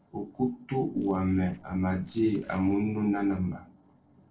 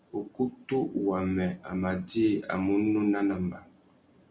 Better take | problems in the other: second | noise reduction (neural separator model SepFormer DNS4)

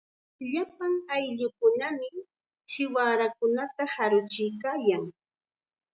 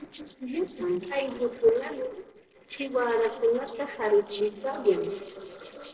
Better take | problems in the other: first | noise reduction (neural separator model SepFormer DNS4)

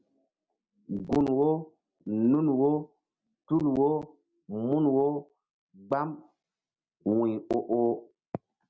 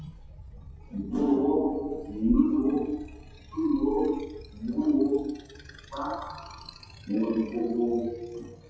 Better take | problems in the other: first | noise reduction (classical method WPE with log-MMSE)

